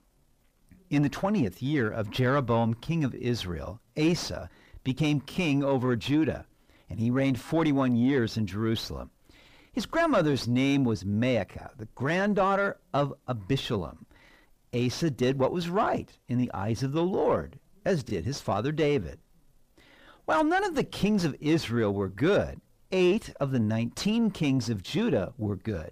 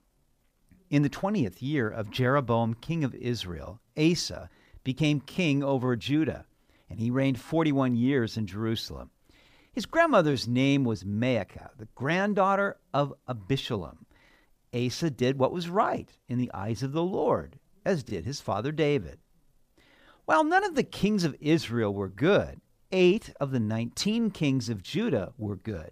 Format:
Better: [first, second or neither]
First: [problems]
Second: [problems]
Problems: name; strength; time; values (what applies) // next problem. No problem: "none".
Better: second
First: distortion; slight; 10 dB below the speech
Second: none